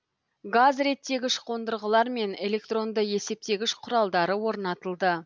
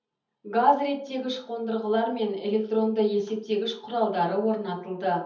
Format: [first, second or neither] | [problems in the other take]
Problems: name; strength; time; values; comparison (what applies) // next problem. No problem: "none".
first | room echo; dies away in 0.7 s